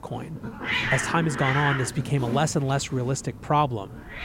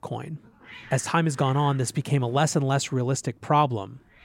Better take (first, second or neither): second